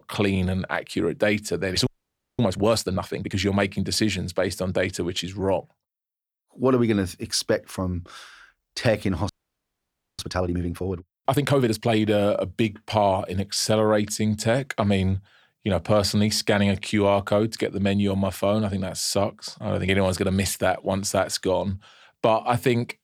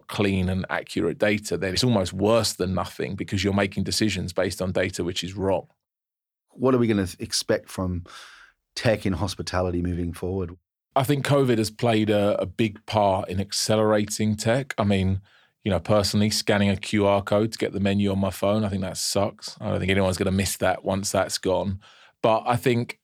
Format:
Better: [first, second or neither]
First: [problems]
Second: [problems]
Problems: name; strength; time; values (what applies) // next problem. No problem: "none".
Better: second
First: audio freezing; at 2 s for 0.5 s and at 9.5 s for 1 s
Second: none